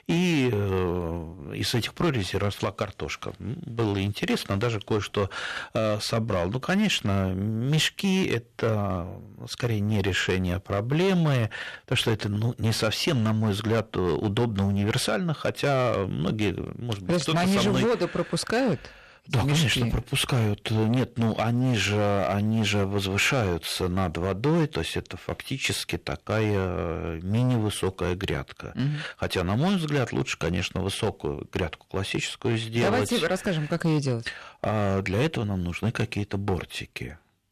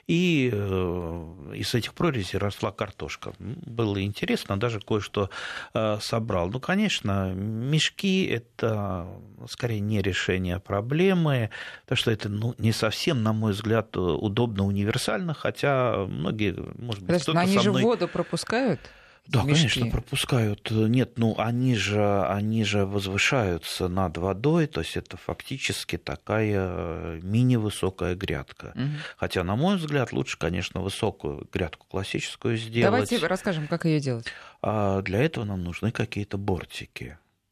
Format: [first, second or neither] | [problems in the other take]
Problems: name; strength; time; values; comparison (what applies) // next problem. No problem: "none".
second | distortion; slight; 10% of the sound clipped